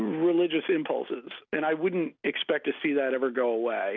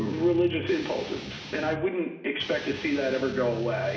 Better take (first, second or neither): first